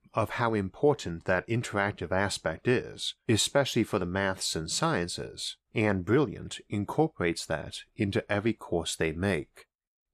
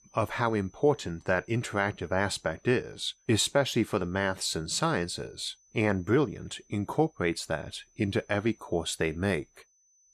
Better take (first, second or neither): first